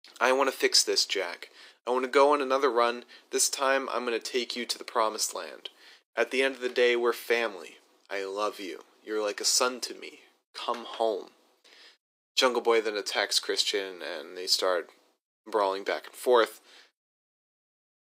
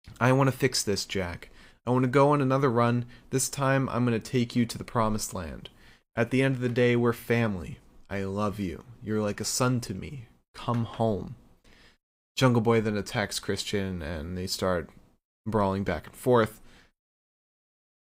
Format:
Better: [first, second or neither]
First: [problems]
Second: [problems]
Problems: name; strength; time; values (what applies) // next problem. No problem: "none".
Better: second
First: thin; very; fading below 300 Hz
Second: none